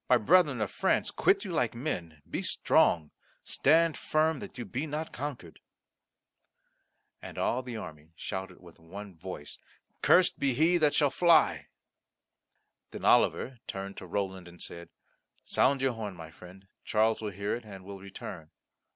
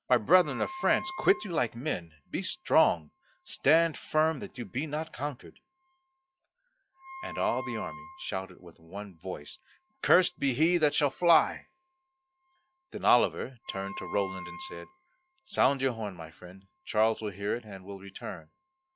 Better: first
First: none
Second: noise reduction (classical method log-MMSE)

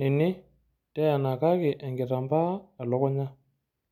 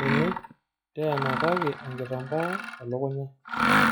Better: first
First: none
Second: noise reduction (classical method log-MMSE)

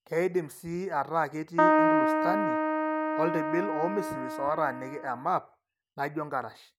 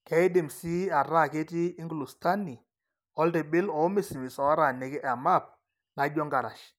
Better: second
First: background sound (Keyboard (musical)); 5 dB above the speech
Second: none

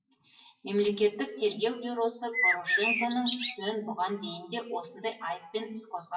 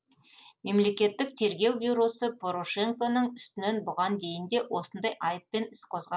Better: second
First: noise reduction (classical method WPE with log-MMSE)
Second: none

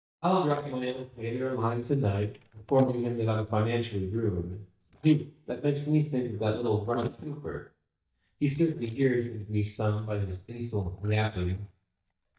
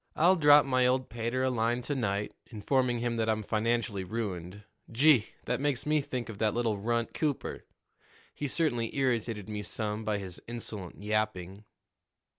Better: second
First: noise reduction (neural mask model DeepFilterNet 3)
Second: none

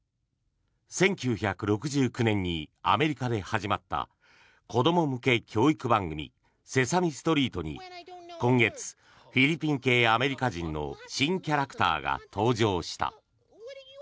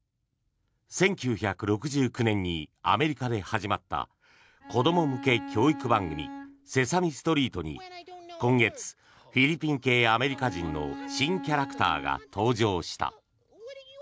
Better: first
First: none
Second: background sound (Bowed string instrument); 11 dB below the speech

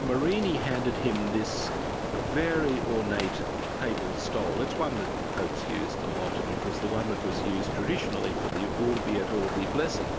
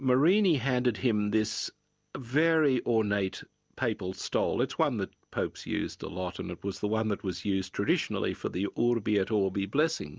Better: second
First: background sound (Rain); as loud as the speech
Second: none

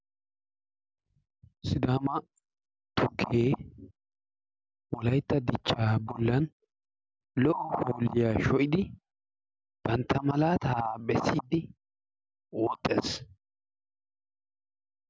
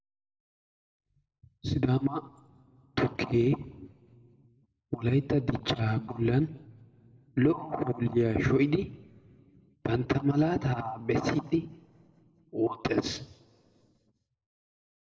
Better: first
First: none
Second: room echo; dies away in 1 s

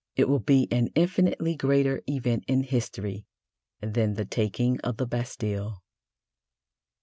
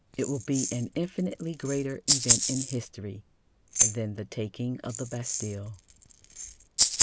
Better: first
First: none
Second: background sound (Rattle (instrument)); 3 dB above the speech

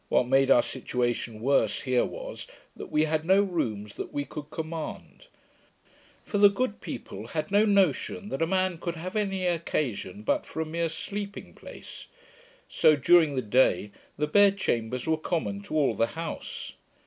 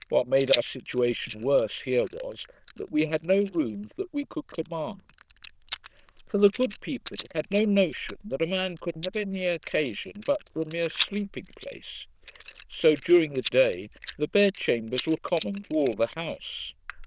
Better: first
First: none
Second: noise reduction (neural diffusion model UNIVERSE++)

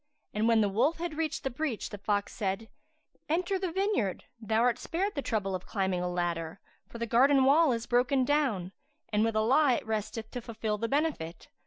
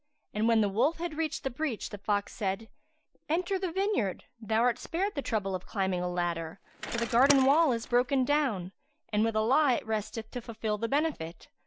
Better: first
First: none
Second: background sound (Bicycle); 10 dB below the speech

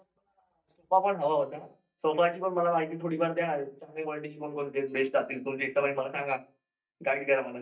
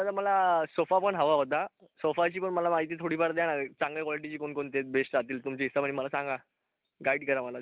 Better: second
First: noise reduction (neural mask model DeepFilterNet 3)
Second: none

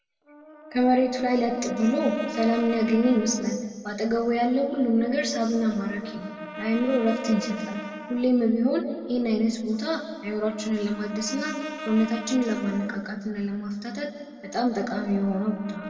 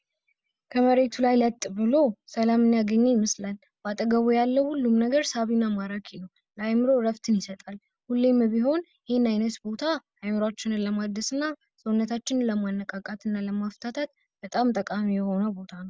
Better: second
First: background sound (Brass instrument); 15 dB below the speech // room echo; dies away in 1.8 s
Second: none

